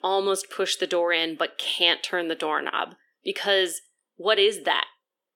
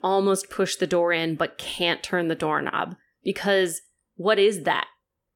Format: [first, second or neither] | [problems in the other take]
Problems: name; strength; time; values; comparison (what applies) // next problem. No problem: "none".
second | thin; somewhat; fading below 300 Hz